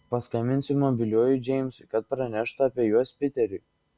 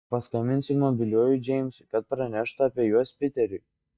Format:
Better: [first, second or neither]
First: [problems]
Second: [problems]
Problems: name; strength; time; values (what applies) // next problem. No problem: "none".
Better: first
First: none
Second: noise reduction (neural mask model DeepFilterNet 3)